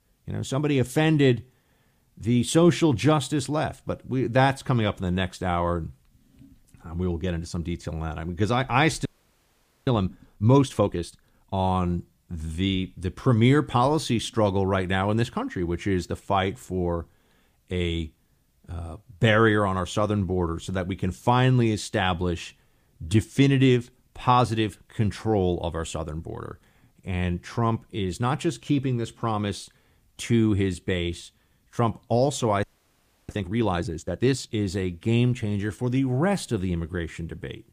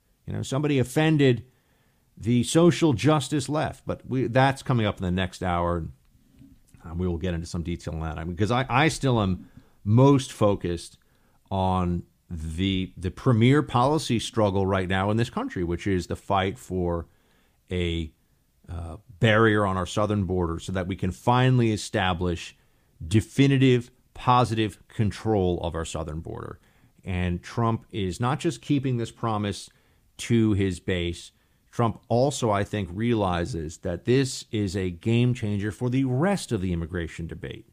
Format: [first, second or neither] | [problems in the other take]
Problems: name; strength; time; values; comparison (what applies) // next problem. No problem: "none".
second | audio freezing; at 9 s for 1 s and at 33 s for 0.5 s